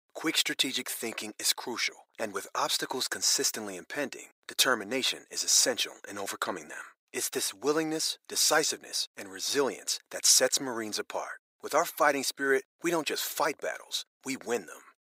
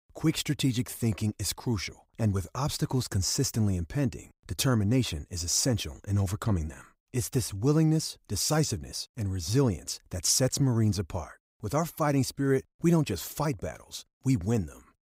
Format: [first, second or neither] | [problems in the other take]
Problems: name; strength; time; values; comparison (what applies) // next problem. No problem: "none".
second | thin; very; fading below 450 Hz